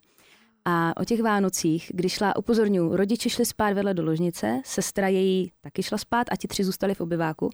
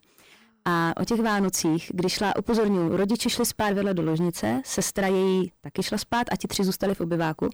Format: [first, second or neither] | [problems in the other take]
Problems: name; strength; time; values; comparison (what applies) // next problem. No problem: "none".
first | distortion; slight; 14% of the sound clipped